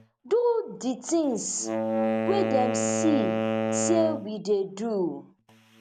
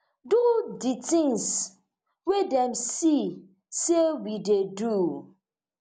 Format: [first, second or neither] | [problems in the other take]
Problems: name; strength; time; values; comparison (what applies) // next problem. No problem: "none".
second | background sound (Wind instrument, woodwind instrument); 2 dB below the speech